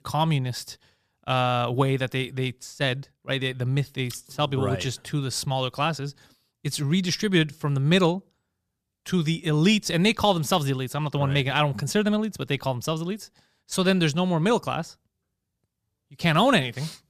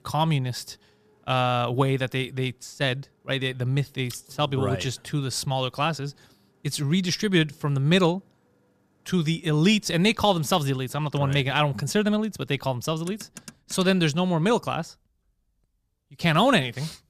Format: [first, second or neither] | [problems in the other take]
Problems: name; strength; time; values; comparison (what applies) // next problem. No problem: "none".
first | traffic noise; faint; throughout; 30 dB below the speech